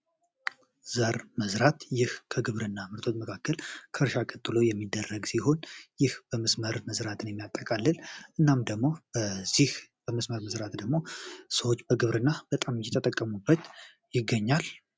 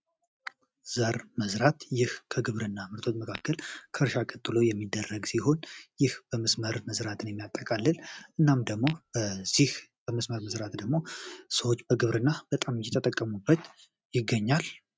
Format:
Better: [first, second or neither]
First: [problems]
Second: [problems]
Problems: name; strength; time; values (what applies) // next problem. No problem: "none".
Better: first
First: none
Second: noise reduction (neural mask model RNNoise)